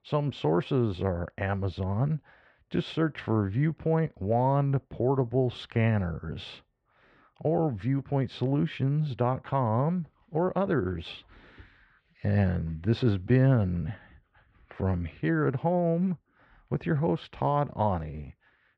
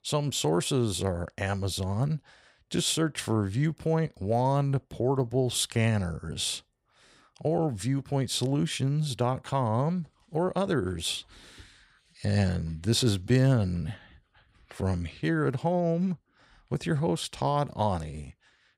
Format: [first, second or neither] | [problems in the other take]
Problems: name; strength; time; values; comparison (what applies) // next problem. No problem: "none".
second | muffled; very; fading above 2.5 kHz